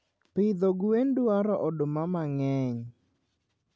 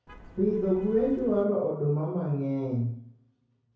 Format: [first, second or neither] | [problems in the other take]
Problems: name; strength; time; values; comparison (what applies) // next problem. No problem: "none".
first | background sound (Vehicle horn, car horn, honking); 18 dB below the speech // room echo; dies away in 0.6 s